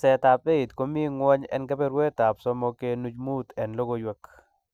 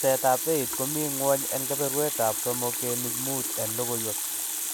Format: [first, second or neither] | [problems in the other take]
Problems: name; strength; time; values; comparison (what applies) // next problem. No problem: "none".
first | background sound (Water tap, faucet); 1 dB below the speech